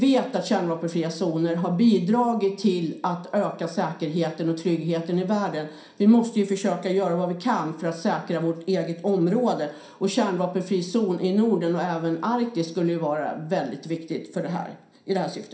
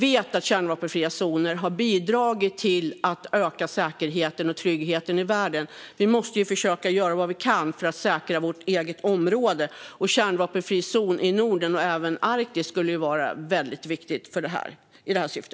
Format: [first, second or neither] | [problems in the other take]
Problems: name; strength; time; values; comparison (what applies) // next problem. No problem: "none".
second | room echo; dies away in 0.5 s